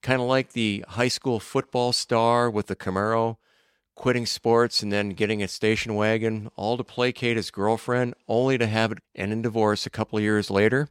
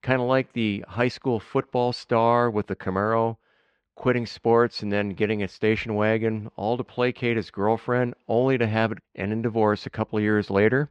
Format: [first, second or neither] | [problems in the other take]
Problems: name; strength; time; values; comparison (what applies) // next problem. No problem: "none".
first | muffled; slightly; fading above 2.5 kHz